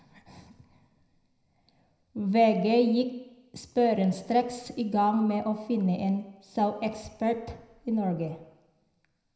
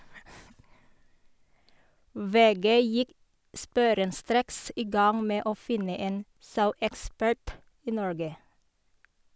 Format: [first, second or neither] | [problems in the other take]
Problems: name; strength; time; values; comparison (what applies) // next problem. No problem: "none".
second | room echo; dies away in 0.7 s